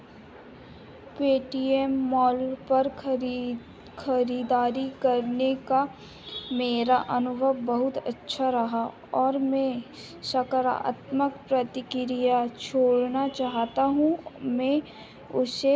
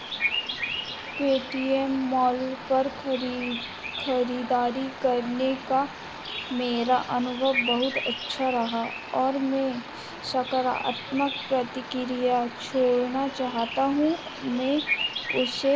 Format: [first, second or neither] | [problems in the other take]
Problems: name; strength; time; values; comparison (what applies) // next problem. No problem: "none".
first | background sound (Bird vocalization, bird call, bird song); 8 dB below the speech